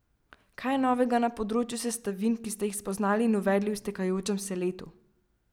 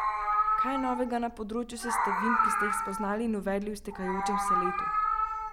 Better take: first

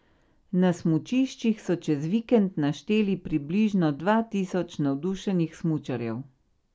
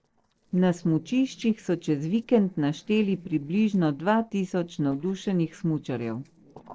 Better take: first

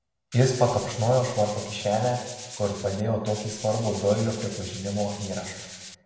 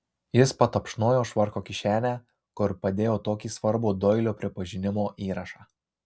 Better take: second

